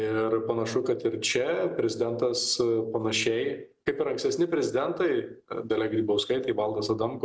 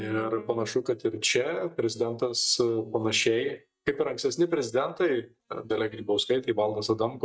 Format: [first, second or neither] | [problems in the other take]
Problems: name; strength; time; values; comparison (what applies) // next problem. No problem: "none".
first | noise reduction (neural mask model DeepFilterNet 3)